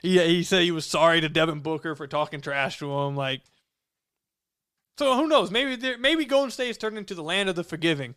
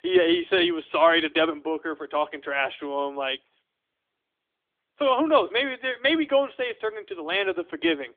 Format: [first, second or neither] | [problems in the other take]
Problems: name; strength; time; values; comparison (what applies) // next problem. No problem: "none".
first | phone-call audio; nothing above 3.5 kHz